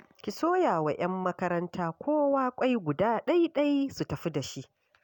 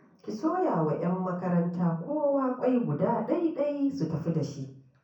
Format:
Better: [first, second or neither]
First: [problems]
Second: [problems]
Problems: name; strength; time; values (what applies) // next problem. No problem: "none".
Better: first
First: none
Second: room echo; dies away in 0.6 s